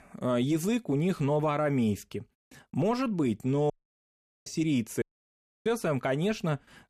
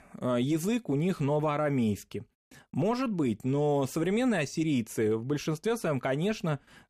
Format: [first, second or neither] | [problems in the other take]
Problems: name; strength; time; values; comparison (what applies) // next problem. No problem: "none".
second | audio cutting out; at 3.5 s for 1 s and at 5 s for 0.5 s